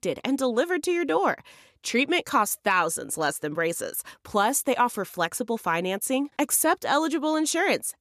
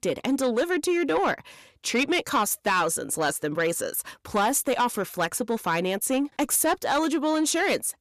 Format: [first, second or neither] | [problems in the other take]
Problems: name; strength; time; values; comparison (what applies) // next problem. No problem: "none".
first | distortion; slight; 10 dB below the speech